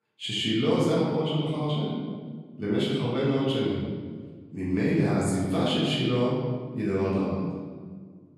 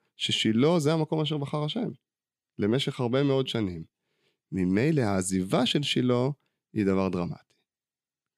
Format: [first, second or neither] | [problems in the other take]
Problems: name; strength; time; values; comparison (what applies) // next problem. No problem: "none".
second | room echo; strong; dies away in 1.5 s // off-mic speech; far